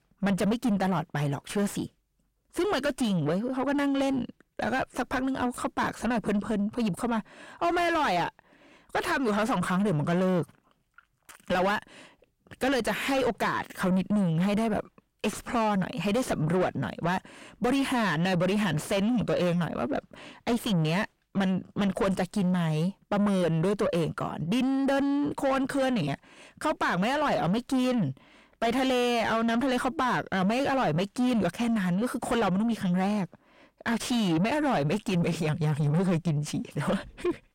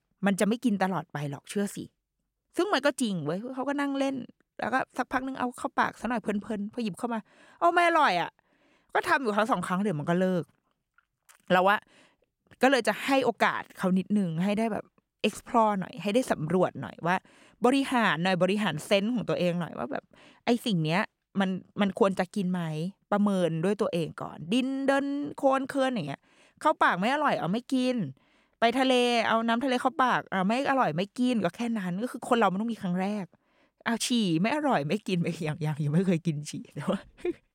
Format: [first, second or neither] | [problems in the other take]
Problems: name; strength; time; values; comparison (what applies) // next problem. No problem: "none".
second | distortion; heavy; 5 dB below the speech